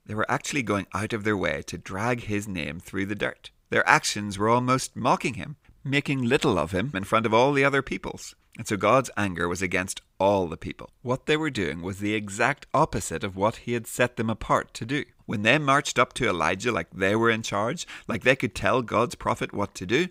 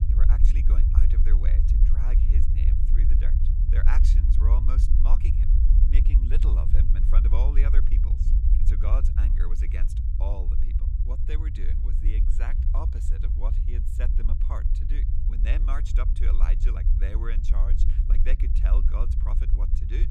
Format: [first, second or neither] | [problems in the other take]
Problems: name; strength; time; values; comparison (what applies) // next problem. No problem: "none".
first | low rumble; loud; throughout; 2 dB below the speech